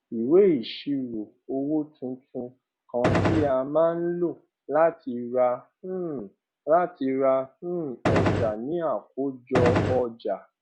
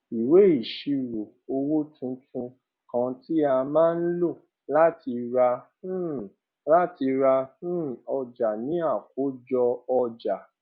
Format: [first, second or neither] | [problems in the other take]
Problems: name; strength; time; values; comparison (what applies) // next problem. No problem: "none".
second | background sound (Gunshot, gunfire); 3 dB above the speech